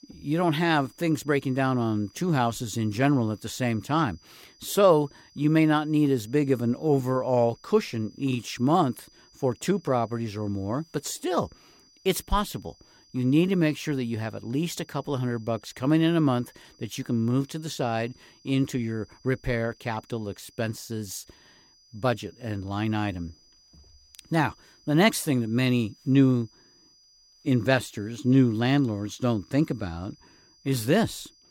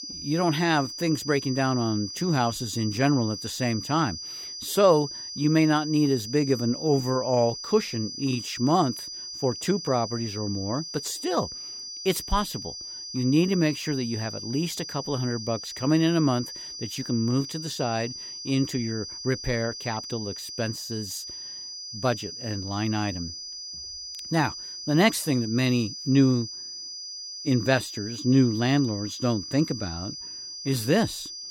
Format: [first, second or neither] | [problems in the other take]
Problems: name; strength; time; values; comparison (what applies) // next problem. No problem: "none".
first | high-pitched whine; loud; throughout; 5 kHz, 9 dB below the speech; faint in the first